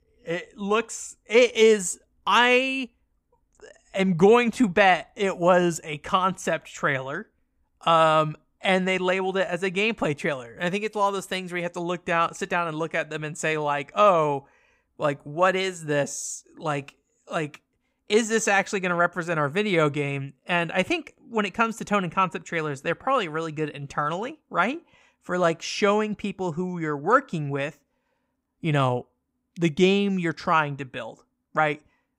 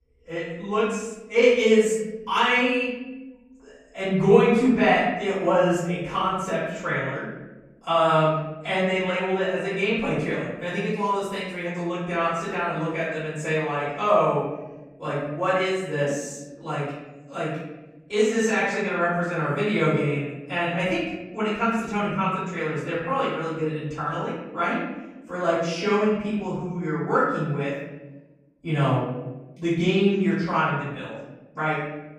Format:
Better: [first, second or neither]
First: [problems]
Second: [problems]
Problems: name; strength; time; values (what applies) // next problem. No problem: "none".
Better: first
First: none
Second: off-mic speech; far // room echo; noticeable; dies away in 1.1 s